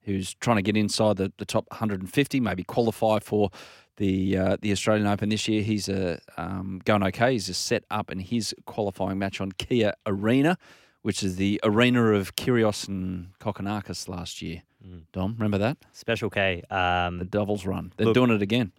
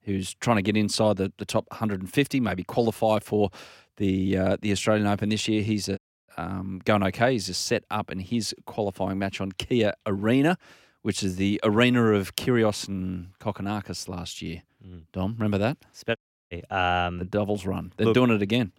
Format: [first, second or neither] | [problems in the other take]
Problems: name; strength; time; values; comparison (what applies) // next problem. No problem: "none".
first | audio cutting out; at 6 s and at 16 s